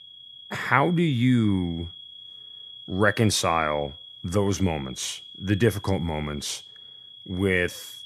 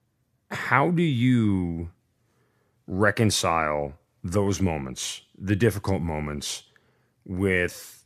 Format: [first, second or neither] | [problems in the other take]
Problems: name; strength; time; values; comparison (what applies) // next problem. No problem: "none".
second | high-pitched whine; noticeable; throughout; 3.5 kHz, 15 dB below the speech